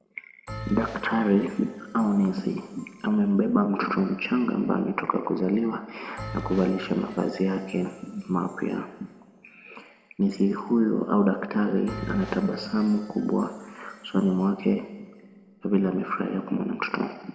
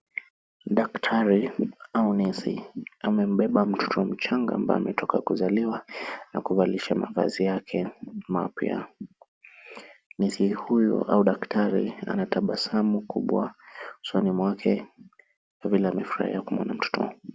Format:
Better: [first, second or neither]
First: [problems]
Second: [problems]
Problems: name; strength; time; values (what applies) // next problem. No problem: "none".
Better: second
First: background sound (Bell); 18 dB below the speech // room echo; dies away in 1.8 s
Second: none